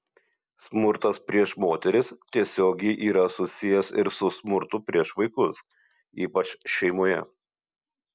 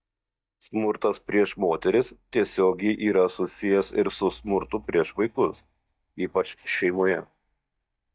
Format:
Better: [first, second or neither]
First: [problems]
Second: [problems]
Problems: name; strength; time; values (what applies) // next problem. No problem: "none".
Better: first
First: none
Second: noise reduction (neural mask model DeepFilterNet 3)